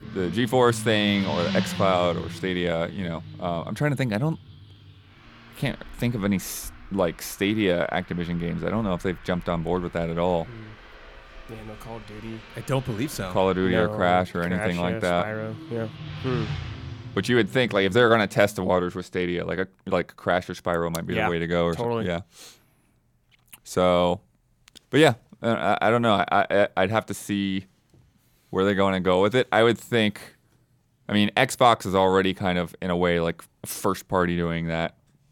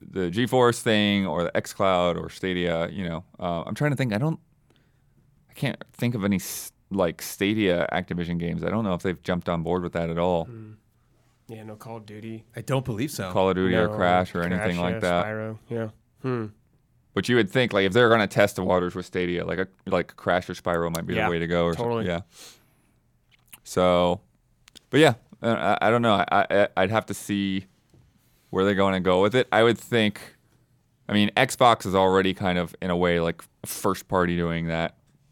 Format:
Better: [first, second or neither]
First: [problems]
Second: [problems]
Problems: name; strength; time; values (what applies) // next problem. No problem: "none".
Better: second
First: traffic noise; noticeable; until 18 s; 15 dB below the speech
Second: none